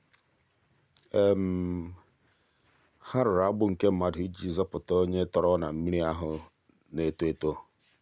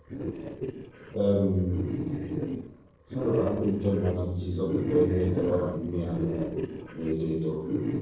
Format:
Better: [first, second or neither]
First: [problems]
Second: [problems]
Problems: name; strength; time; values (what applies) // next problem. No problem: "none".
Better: first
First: none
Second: noise reduction (neural separator model SepFormer DNS4)